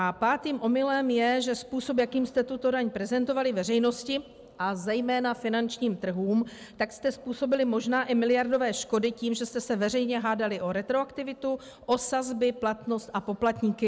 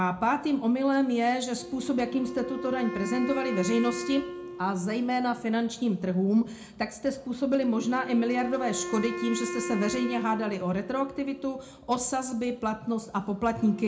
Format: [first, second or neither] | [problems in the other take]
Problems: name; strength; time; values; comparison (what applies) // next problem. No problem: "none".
first | background sound (Wind instrument, woodwind instrument); 11 dB below the speech // room echo; dies away in 0.3 s